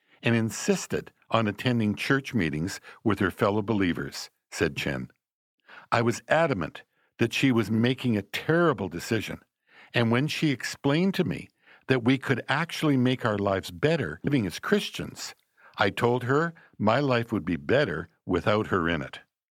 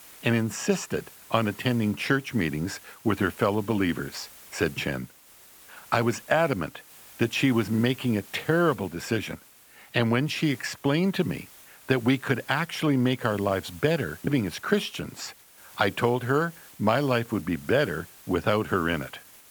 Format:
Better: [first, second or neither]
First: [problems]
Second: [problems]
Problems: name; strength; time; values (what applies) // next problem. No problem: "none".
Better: first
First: none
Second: hiss; faint; throughout; 20 dB below the speech